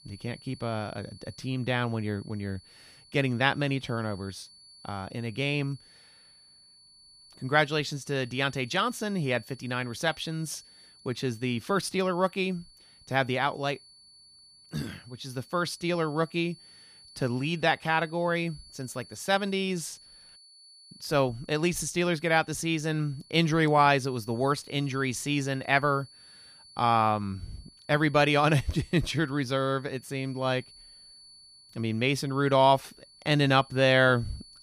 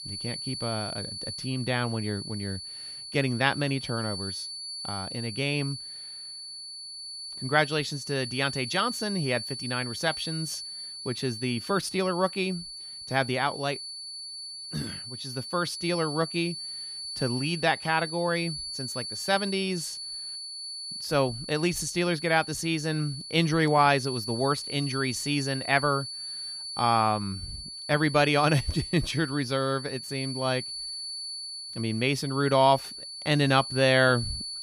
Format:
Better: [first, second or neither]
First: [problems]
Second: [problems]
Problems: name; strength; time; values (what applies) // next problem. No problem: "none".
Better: first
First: high-pitched whine; faint; throughout; 4.5 kHz, 25 dB below the speech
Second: high-pitched whine; loud; throughout; 4.5 kHz, 8 dB below the speech